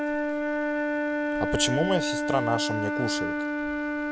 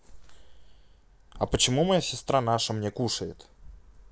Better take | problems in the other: second | background sound (Wind instrument, woodwind instrument); 3 dB above the speech

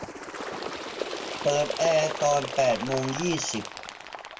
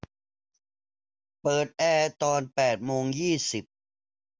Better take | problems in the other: second | background sound (Bird); 7 dB below the speech // room echo; dies away in 0.2 s

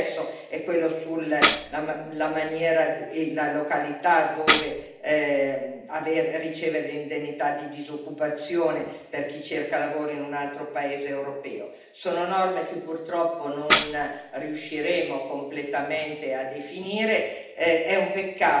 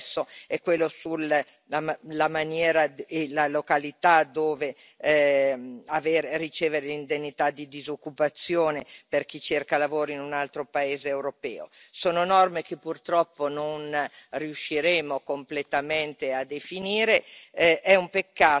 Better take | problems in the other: second | background sound (Tambourine); 1 dB below the speech // room echo; dies away in 0.8 s

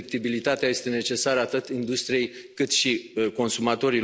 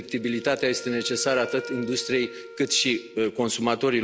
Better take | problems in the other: first | background sound (Wind instrument, woodwind instrument); 15 dB below the speech

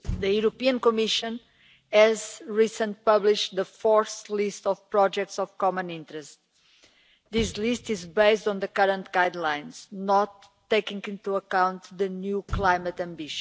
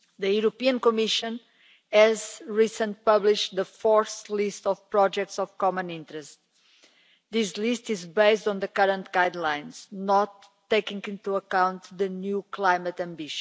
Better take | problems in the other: second | background sound (Motor vehicle (road)); 18 dB below the speech

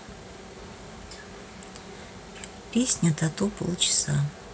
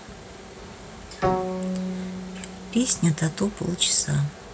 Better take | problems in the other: first | background sound (Bowed string instrument); 5 dB below the speech

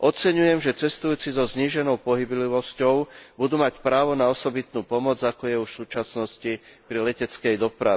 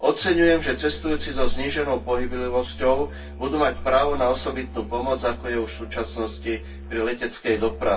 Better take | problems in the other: first | background sound (Musical instrument); 14 dB below the speech // room echo; dies away in 0.2 s

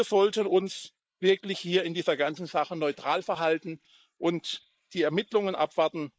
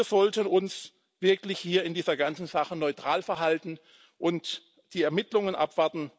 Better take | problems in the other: second | noise reduction (neural mask model Resemble Enhance denoiser)

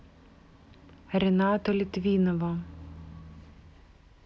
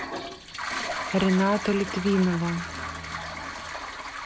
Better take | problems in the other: first | background sound (Toilet flush); 6 dB below the speech

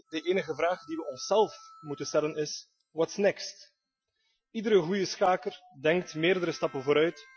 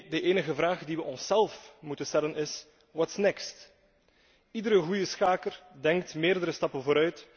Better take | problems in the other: second | noise reduction (classical method Wiener filter)

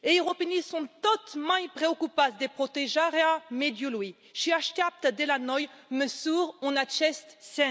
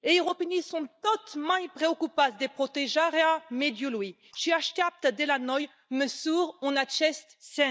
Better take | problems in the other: first | noise reduction (neural mask model DeepFilterNet 3)

